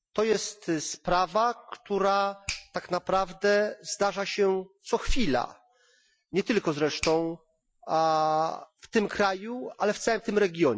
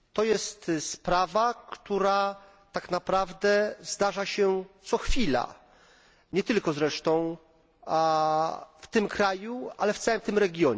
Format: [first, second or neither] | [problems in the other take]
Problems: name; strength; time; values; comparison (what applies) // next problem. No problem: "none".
second | noise reduction (classical method Wiener filter)